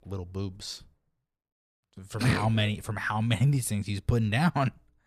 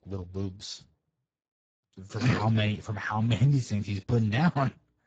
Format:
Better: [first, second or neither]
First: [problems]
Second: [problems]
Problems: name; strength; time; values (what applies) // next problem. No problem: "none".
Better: first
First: none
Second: garbled, watery; badly; nothing above 7.5 kHz